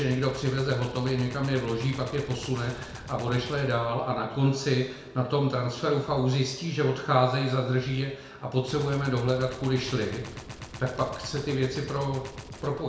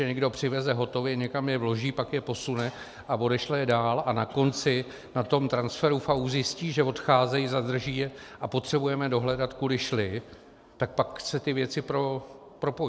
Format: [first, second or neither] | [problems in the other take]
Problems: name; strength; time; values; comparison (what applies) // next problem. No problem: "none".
second | background sound (Gunshot, gunfire); 16 dB below the speech // room echo; dies away in 0.7 s